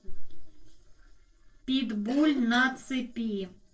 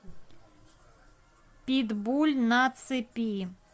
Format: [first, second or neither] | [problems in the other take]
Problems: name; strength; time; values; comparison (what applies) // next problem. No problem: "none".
second | noise reduction (neural separator model SepFormer DNS4)